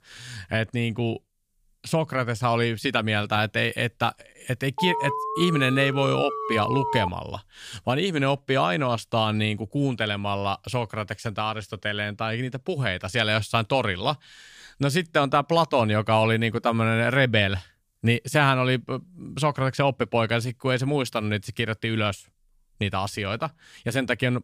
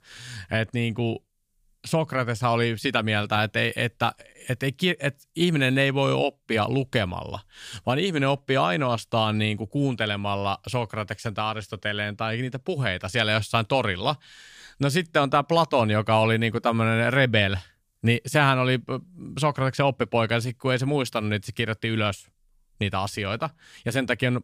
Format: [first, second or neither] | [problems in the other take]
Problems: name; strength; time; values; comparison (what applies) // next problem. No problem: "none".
second | alarm; noticeable; from 5 to 7 s; peak 3 dB below the speech